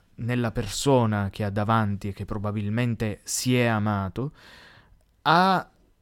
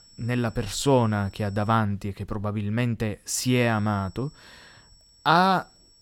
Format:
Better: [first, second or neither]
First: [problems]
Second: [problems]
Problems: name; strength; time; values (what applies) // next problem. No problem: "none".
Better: first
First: none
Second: high-pitched whine; faint; until 2 s and from 3.5 s on; 5.5 kHz, 30 dB below the speech